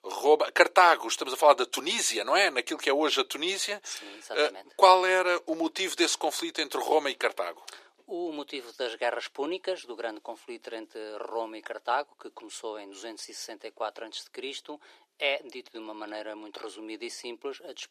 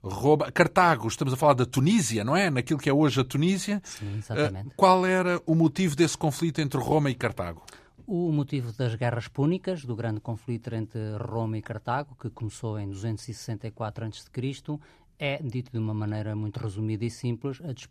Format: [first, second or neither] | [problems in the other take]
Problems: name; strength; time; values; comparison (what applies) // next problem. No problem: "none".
second | thin; very; fading below 400 Hz